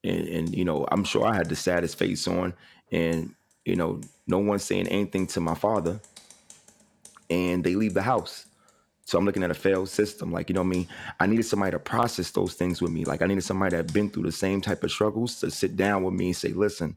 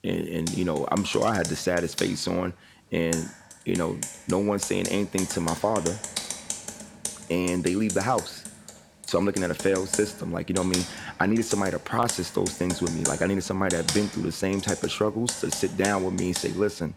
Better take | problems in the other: first | household noises; loud; throughout; 7 dB below the speech; faint in the first

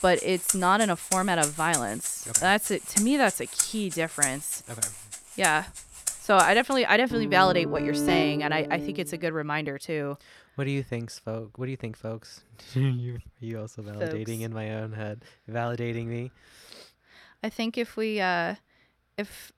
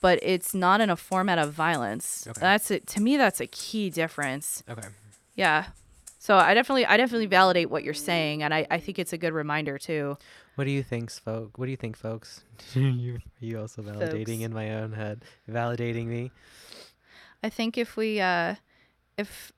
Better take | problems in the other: second | background music; loud; until 9 s; 2 dB below the speech; faint in the second

